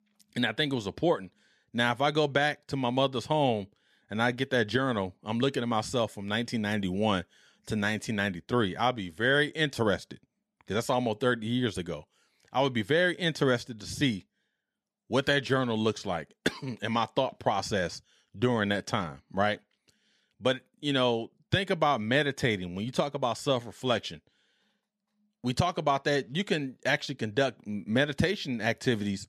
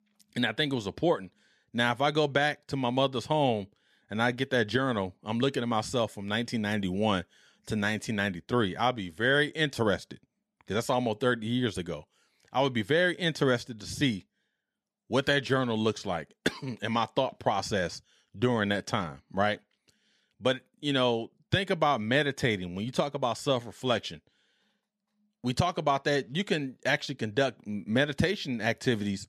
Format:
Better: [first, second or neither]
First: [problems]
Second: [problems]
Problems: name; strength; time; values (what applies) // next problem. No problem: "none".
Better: neither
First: none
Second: none